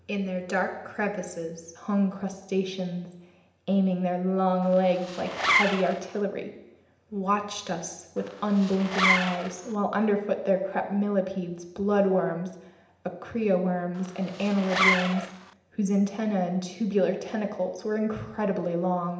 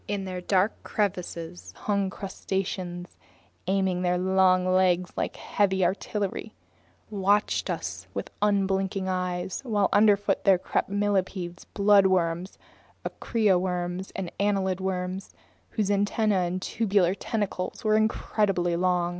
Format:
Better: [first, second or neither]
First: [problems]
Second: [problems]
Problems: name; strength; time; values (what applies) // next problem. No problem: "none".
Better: second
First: background sound (Zipper (clothing)); 2 dB below the speech // room echo; dies away in 0.8 s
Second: none